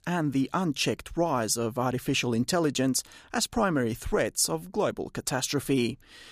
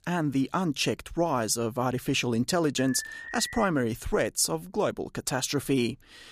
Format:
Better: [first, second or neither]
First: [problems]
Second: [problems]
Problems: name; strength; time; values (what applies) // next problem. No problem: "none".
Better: first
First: none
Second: alarm; faint; at 3 s; peak 10 dB below the speech